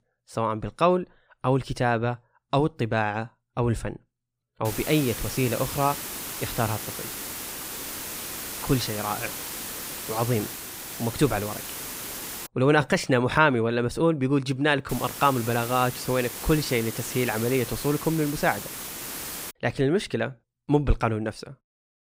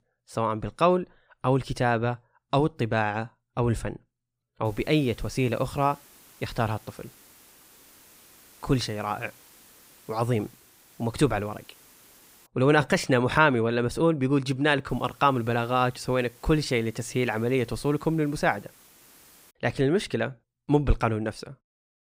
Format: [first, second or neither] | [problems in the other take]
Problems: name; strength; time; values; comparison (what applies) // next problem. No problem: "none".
second | hiss; loud; from 4.5 to 12 s and from 15 to 20 s; 7 dB below the speech; faint in the second